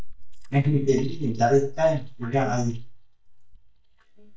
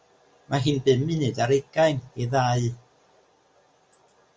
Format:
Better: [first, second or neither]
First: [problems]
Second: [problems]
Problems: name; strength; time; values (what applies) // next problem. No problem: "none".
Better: second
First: noise reduction (neural mask model DeepFilterNet 3)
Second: none